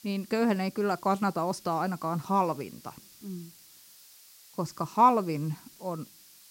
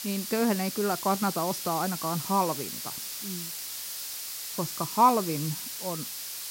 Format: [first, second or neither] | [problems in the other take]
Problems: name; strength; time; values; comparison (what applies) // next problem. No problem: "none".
first | hiss; loud; throughout; 6 dB below the speech; faint in the first